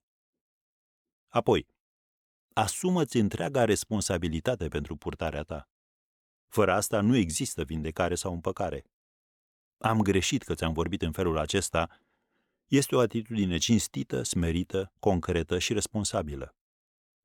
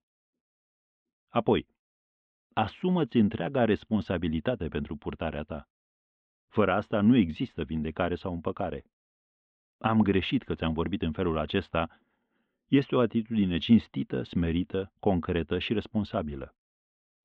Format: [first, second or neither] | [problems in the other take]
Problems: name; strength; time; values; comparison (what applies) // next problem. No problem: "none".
first | muffled; very; fading above 3.5 kHz